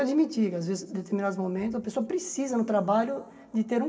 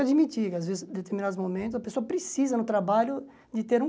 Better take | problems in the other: second | room echo; dies away in 1.7 s

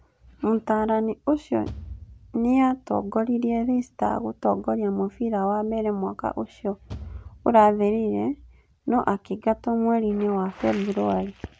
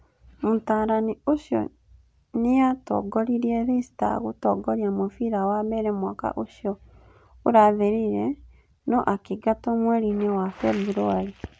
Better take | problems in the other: second | background sound (Bass drum / Thump, thud); 17 dB below the speech

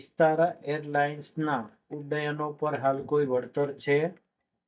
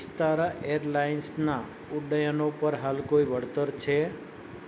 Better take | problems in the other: second | noise reduction (neural mask model DeepFilterNet 3)

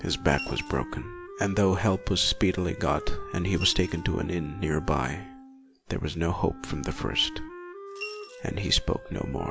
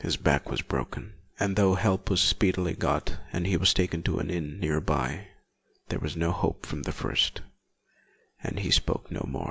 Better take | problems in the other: second | background sound (Coin (dropping) / Glass + Wind instrument, woodwind instrument); 14 dB below the speech

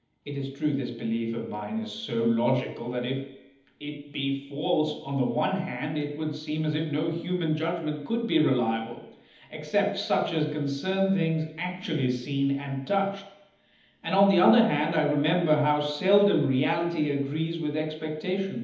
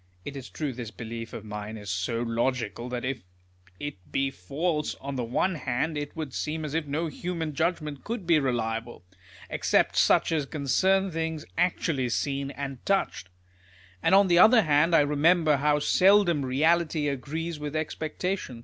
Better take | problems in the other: second | room echo; dies away in 1.3 s

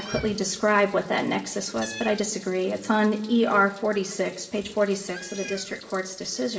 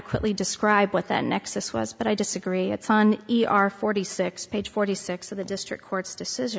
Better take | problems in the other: second | background sound (Meow); 18 dB below the speech // room echo; dies away in 0.7 s

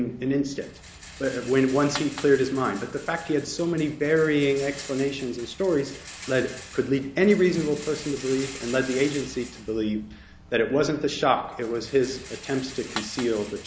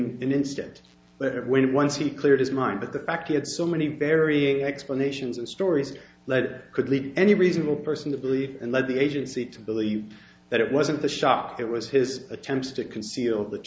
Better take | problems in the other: second | background sound (Rattle); 16 dB below the speech

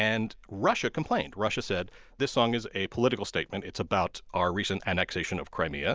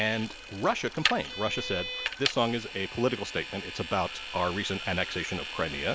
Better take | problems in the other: first | background sound (Vehicle); 6 dB below the speech

